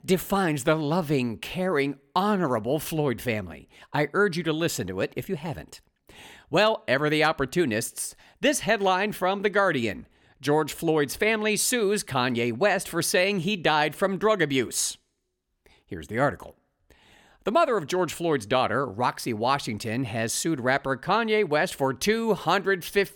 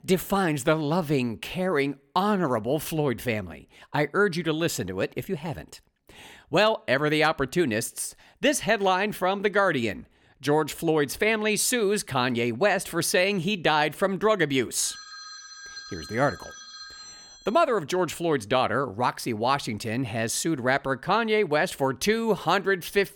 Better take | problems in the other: first | phone ringing; faint; from 15 to 18 s; peak 15 dB below the speech

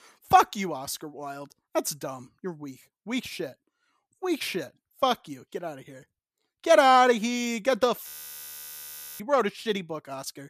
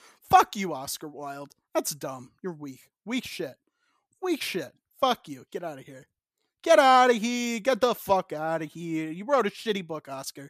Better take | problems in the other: second | audio freezing; at 8 s for 1 s

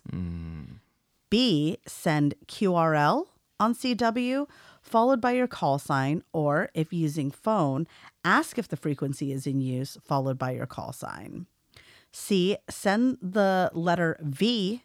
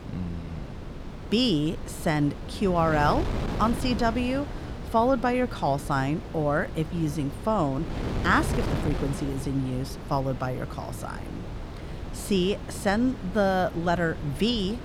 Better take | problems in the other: first | wind noise on the microphone; occasional gusts; 10 dB below the speech

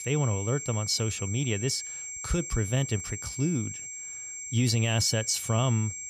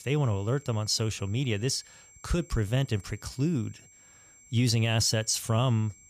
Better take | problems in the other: second | high-pitched whine; loud; throughout; 7.5 kHz, 7 dB below the speech; faint in the second

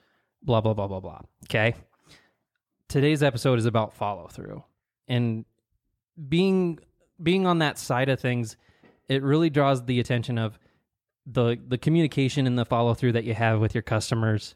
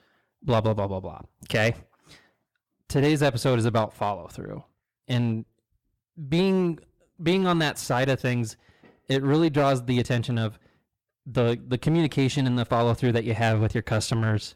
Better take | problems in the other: first | distortion; slight; 5% of the sound clipped

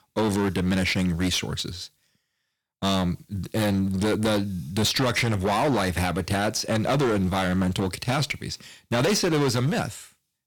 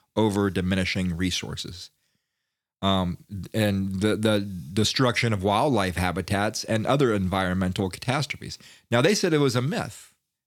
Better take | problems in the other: second | distortion; heavy; 17% of the sound clipped

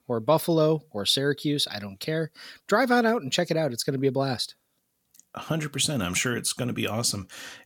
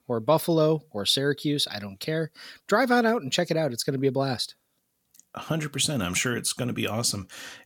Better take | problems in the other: neither | none

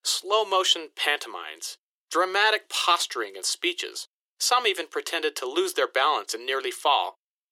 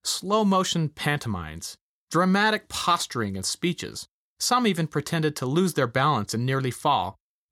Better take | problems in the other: second | thin; very; fading below 350 Hz

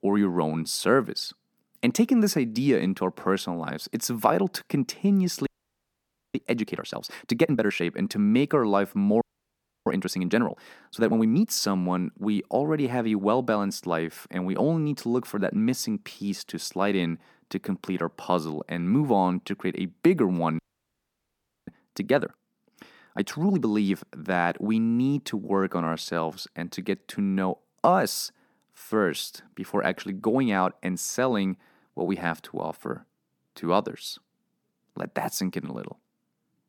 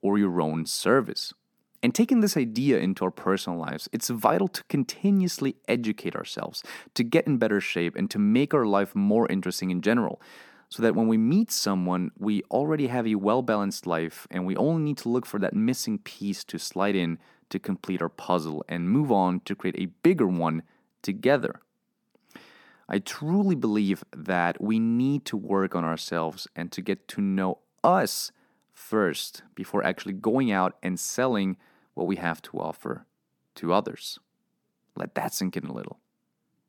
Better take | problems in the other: second | audio freezing; at 5.5 s for 1 s, at 9 s for 0.5 s and at 21 s for 1 s

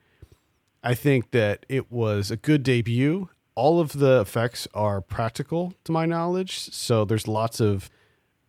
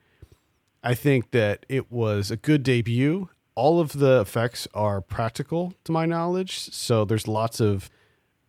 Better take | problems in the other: neither | none

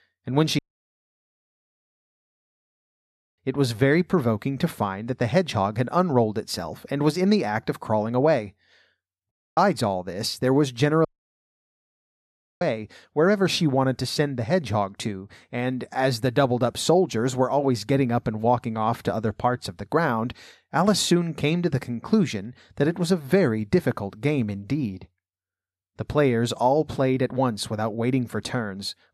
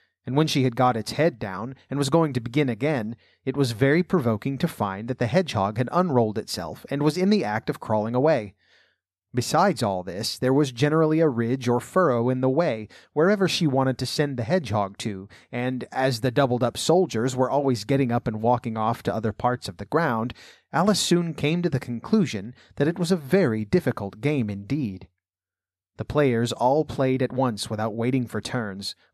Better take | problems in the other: second | audio cutting out; at 0.5 s for 3 s, at 9.5 s and at 11 s for 1.5 s

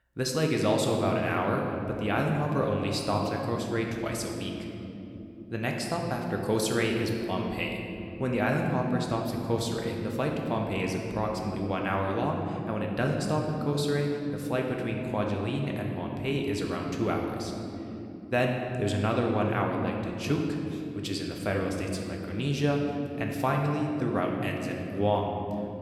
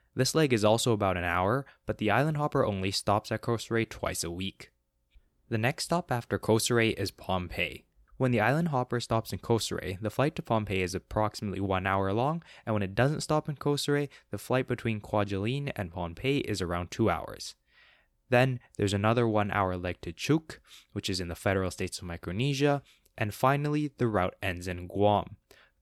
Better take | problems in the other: second | room echo; noticeable; dies away in 3 s

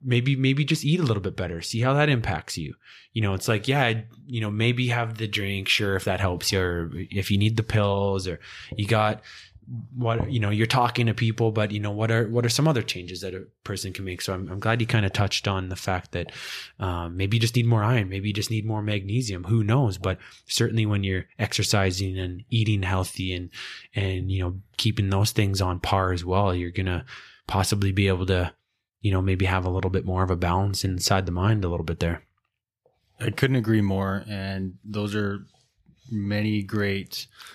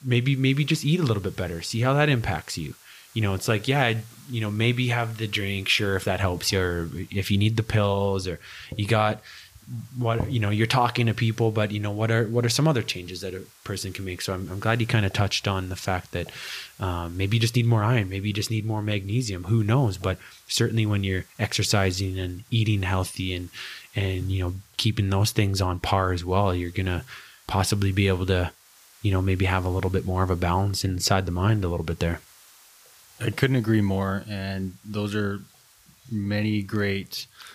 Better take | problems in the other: first | hiss; faint; throughout; 25 dB below the speech

